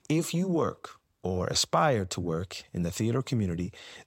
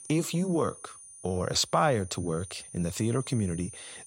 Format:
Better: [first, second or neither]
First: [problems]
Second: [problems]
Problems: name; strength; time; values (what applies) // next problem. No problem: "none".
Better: first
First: none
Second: high-pitched whine; noticeable; throughout; 9.5 kHz, 15 dB below the speech